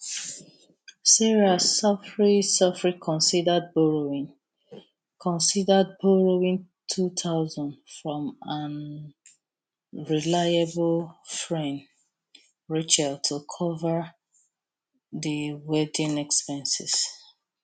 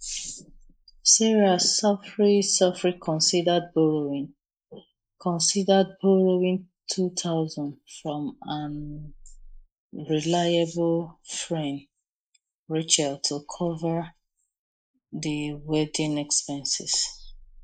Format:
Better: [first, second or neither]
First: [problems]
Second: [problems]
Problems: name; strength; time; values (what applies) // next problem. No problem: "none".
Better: first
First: none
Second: noise reduction (neural mask model Resemble Enhance denoiser)